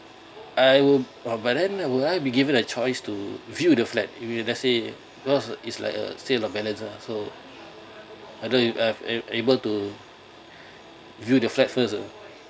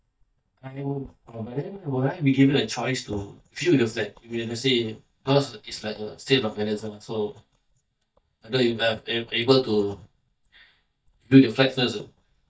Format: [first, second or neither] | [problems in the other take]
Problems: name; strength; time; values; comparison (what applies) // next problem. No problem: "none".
first | noise reduction (neural mask model DeepFilterNet 3)